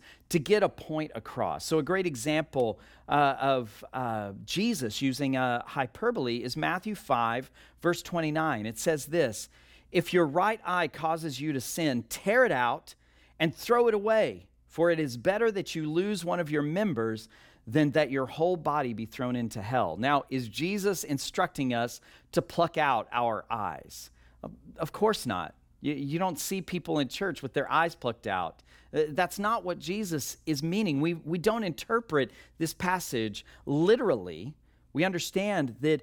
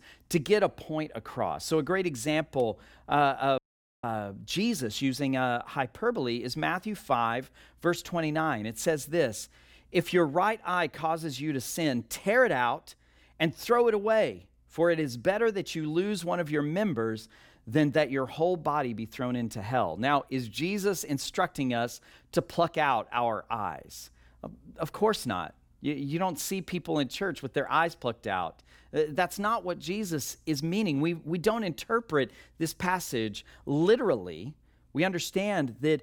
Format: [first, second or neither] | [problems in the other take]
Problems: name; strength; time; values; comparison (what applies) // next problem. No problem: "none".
first | audio cutting out; at 3.5 s